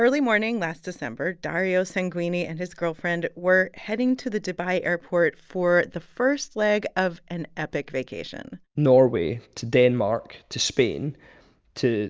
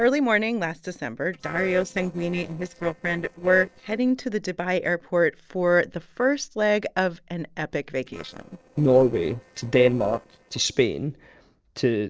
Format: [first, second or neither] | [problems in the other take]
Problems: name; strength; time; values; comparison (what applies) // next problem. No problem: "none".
first | noise reduction (neural separator model SepFormer DNS4)